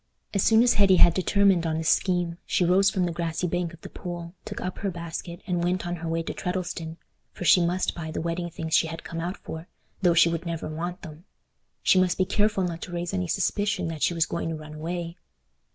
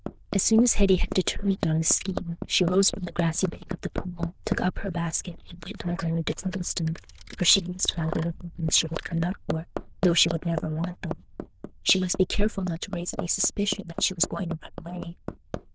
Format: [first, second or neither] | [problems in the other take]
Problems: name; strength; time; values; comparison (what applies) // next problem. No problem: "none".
first | noise reduction (neural diffusion model UNIVERSE++)